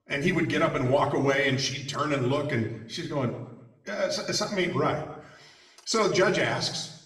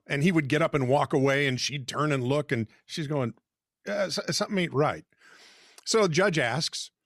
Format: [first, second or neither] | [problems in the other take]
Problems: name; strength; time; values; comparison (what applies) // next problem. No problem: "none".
second | room echo; slight; dies away in 0.8 s // off-mic speech; far